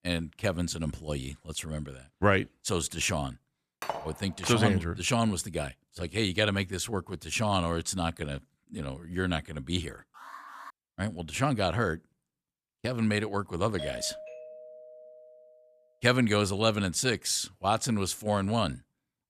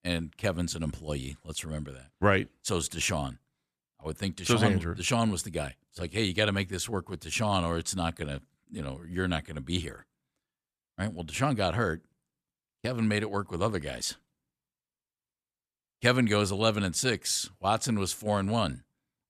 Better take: second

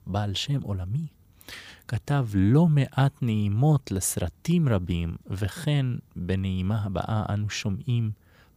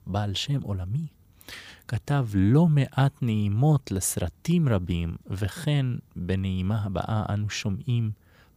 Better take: neither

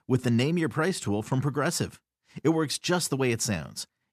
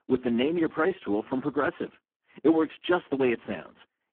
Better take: first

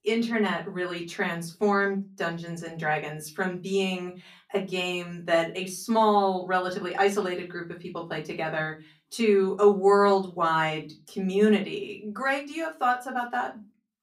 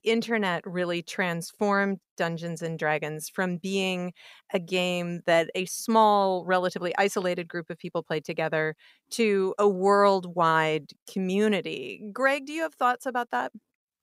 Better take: second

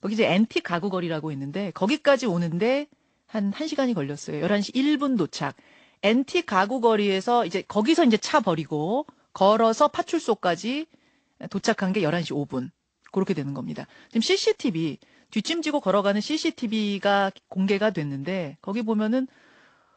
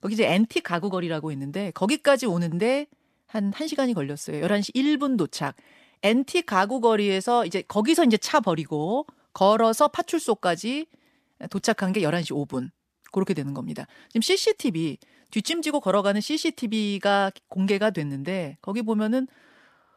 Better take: second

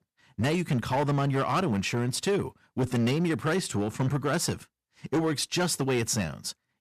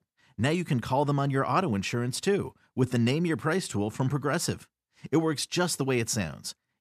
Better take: second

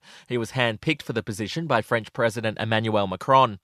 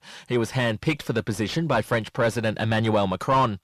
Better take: first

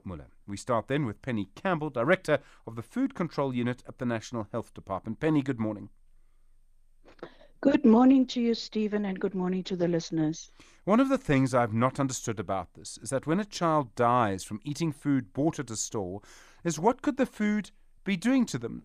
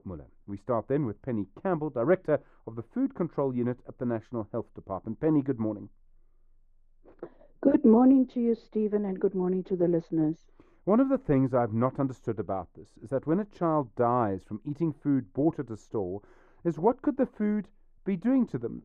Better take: first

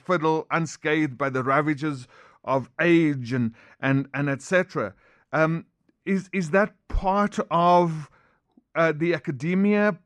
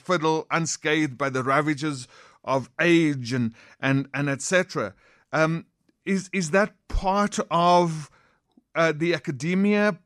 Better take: second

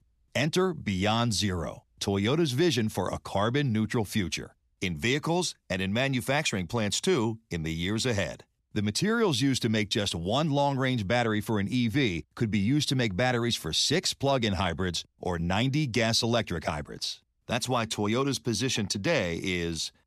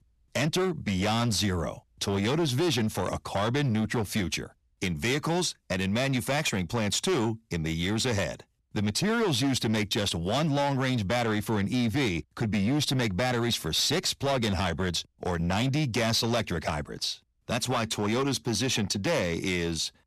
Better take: first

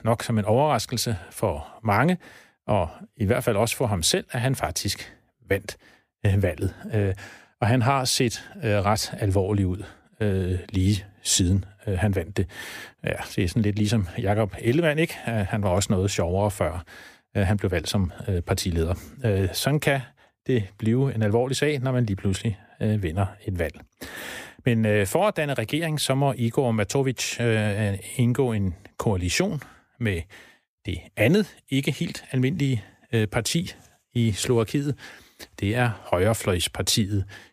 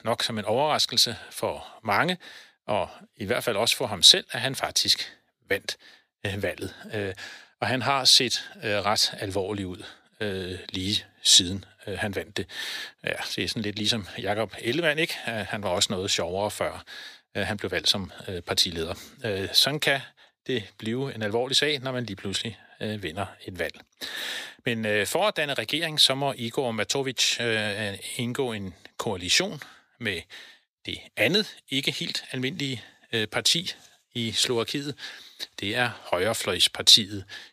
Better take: first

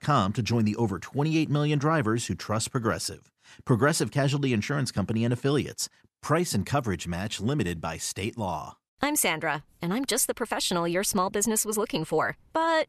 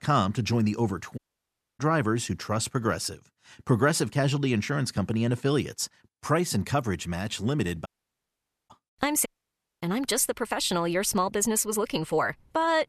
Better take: first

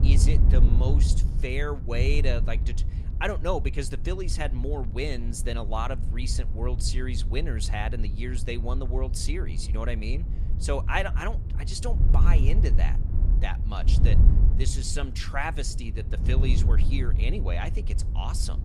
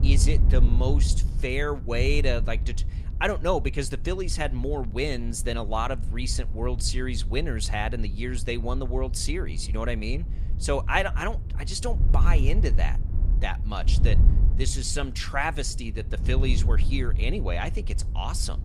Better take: second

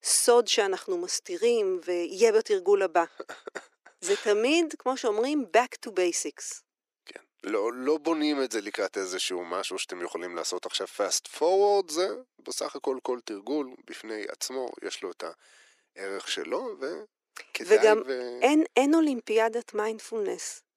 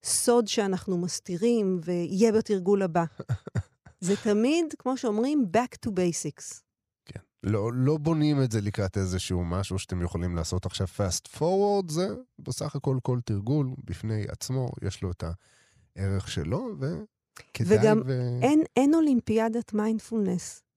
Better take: second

